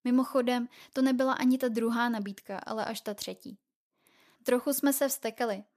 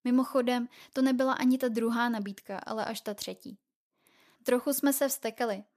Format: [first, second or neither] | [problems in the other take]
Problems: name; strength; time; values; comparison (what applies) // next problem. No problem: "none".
neither | none